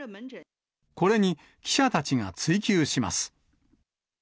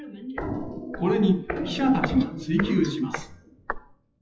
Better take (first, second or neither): first